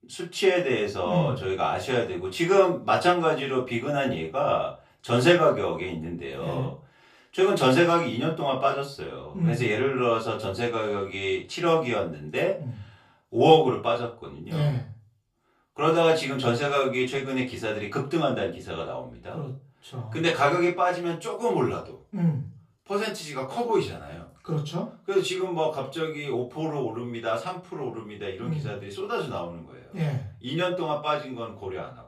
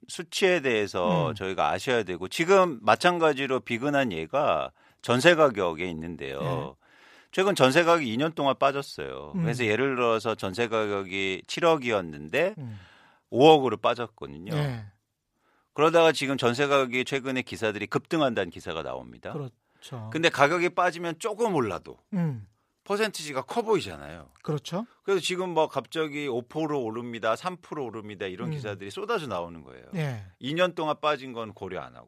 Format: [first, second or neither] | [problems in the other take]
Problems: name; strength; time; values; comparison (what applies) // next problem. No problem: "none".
second | off-mic speech; far // room echo; slight; dies away in 0.3 s